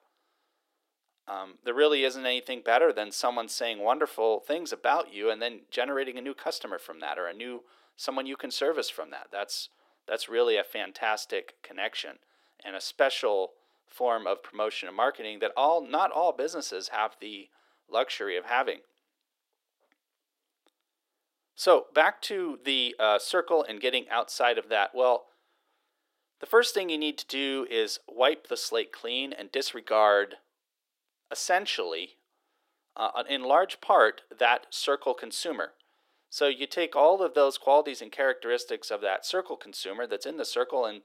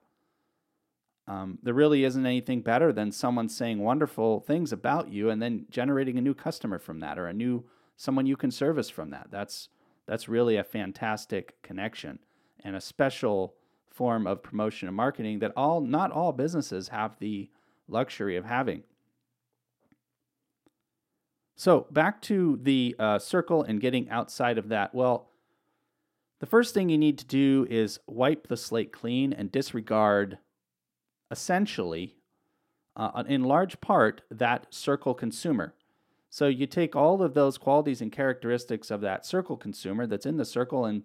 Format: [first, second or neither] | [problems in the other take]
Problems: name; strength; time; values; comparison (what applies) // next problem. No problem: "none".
second | thin; very; fading below 450 Hz